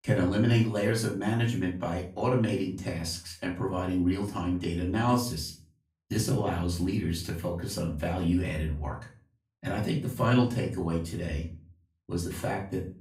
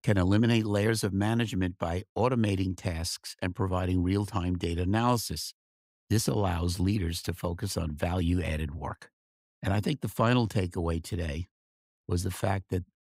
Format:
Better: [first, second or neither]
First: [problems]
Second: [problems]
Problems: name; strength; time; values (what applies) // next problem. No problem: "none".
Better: second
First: off-mic speech; far // room echo; slight; dies away in 0.4 s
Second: none